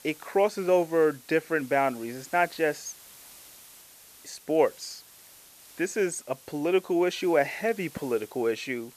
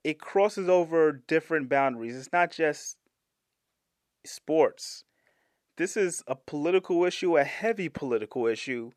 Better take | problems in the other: second | hiss; faint; throughout; 20 dB below the speech

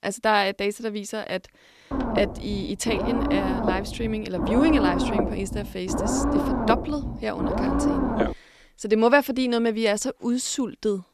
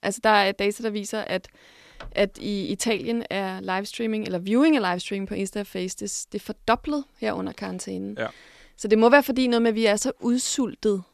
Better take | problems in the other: second | low rumble; loud; from 2 to 8.5 s; 2 dB below the speech

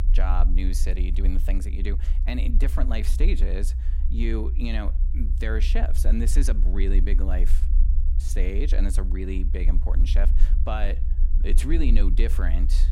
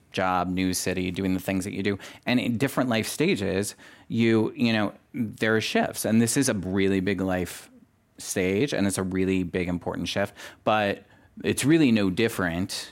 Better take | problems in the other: second | low rumble; noticeable; throughout; 10 dB below the speech

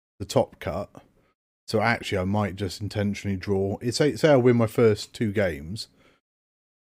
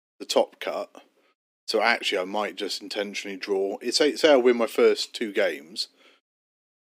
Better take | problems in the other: first | thin; somewhat; fading below 300 Hz

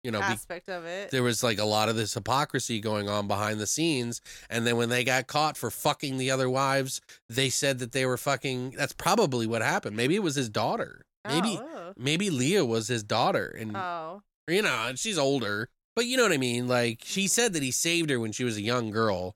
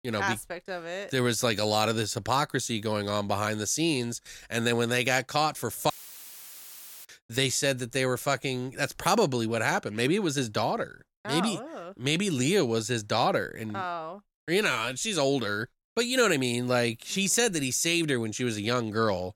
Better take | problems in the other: first | audio cutting out; filled with static; at 6 s for 1 s

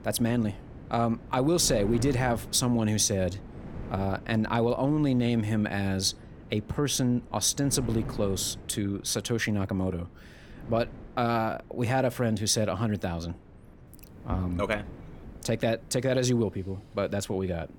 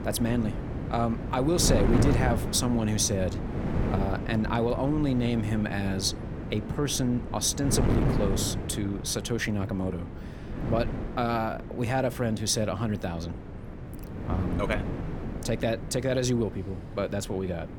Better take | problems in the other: first | wind noise on the microphone; heavy; 8 dB below the speech; occasional gusts in the first

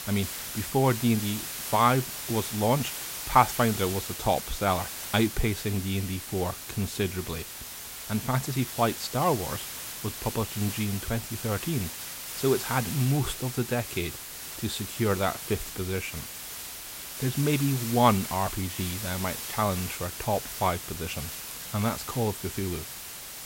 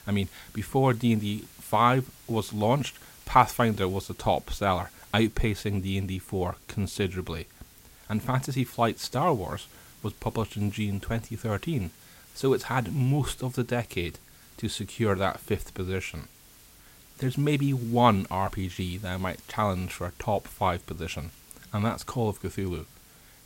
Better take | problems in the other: second | hiss; loud; throughout; 6 dB below the speech; faint in the second

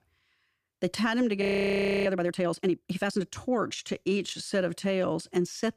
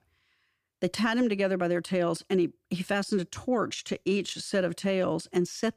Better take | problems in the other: second | audio freezing; at 1.5 s for 0.5 s

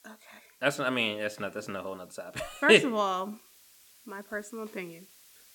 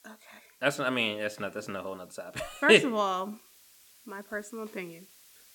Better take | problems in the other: neither | hiss; faint; throughout; 30 dB below the speech; the same in both

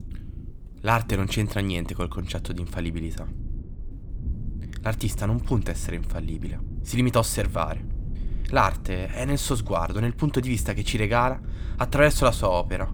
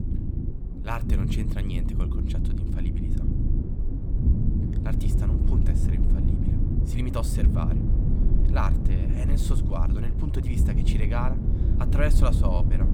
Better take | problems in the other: first | low rumble; loud; throughout; 2 dB below the speech; faint in the first

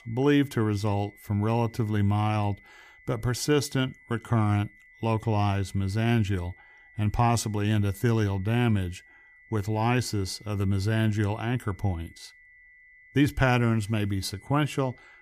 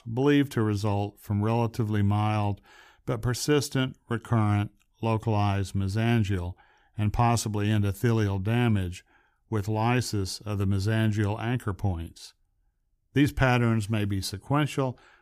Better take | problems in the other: second | high-pitched whine; faint; throughout; 2 kHz, 25 dB below the speech

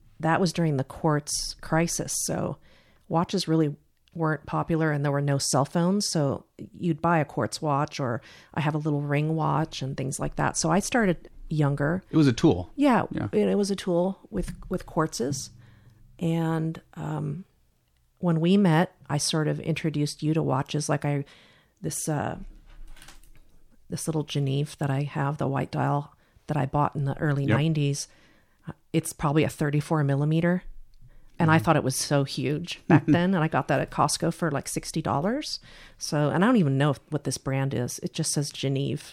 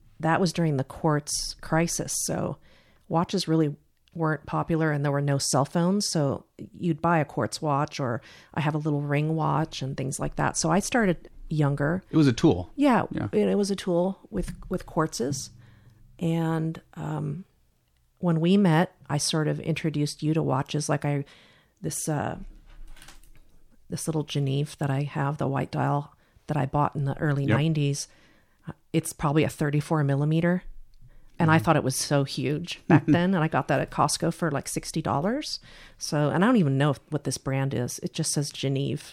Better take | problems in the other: neither | none

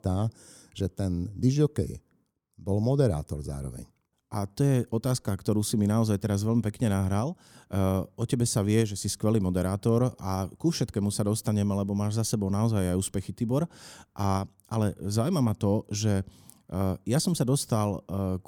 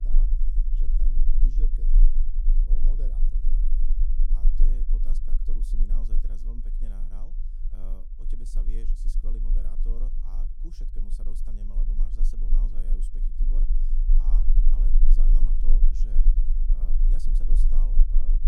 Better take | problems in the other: first | low rumble; loud; throughout; as loud as the speech

